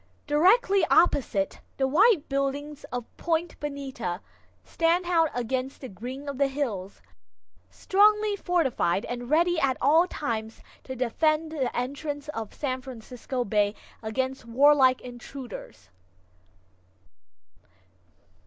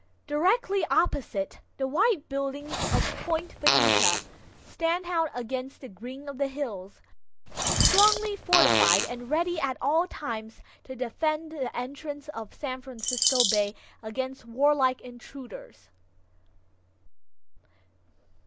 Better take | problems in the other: first | background sound (Bird vocalization, bird call, bird song + Fart); 3 dB above the speech

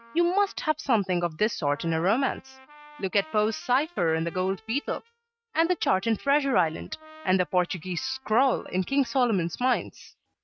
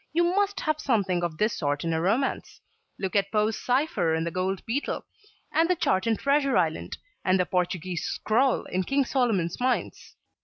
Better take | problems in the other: second | noise reduction (neural mask model RNNoise)

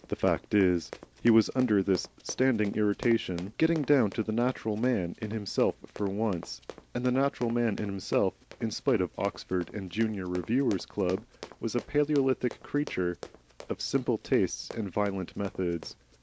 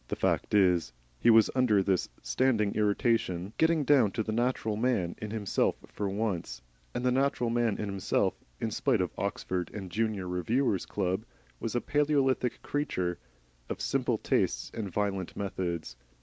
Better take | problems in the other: second | background sound (Run); 19 dB below the speech

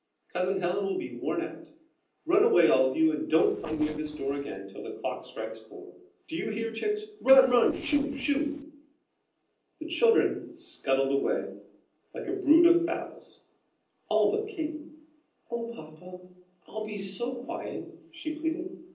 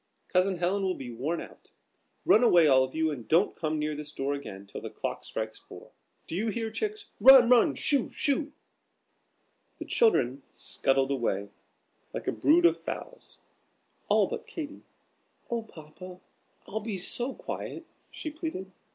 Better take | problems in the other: second | noise reduction (neural separator model SepFormer DNS4)

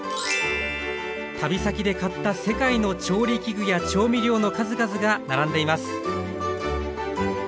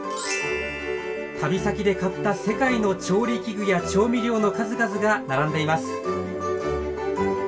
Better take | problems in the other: first | room echo; dies away in 0.2 s

